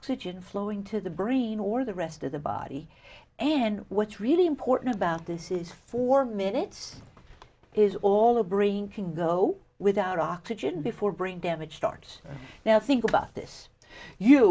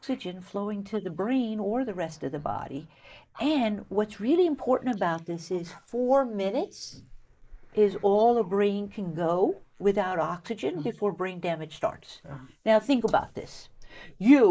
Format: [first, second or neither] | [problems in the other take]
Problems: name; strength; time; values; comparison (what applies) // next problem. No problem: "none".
first | noise reduction (neural mask model Resemble Enhance denoiser)